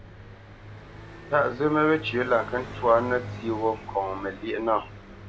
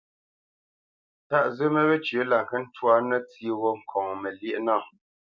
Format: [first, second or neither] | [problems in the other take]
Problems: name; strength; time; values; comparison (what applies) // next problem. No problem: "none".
second | background sound (Car passing by); 13 dB below the speech